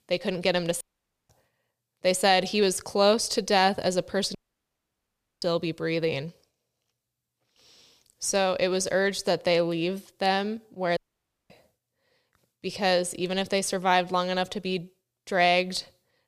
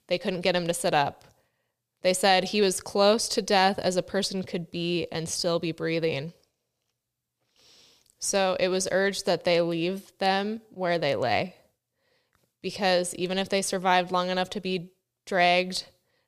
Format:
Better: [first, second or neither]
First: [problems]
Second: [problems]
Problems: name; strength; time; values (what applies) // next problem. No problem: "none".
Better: second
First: audio cutting out; at 1 s, at 4.5 s for 1 s and at 11 s for 0.5 s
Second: none